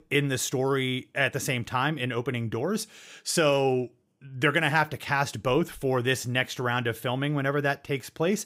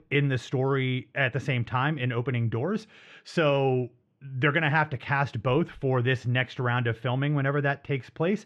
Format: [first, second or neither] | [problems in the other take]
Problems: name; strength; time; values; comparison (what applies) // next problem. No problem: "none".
first | muffled; slightly; fading above 2.5 kHz